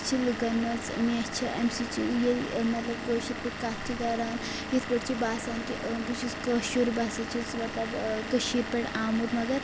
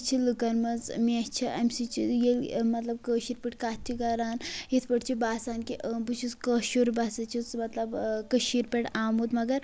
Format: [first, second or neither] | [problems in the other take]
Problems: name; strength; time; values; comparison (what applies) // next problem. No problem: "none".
second | background sound (Engine / Vehicle); 6 dB below the speech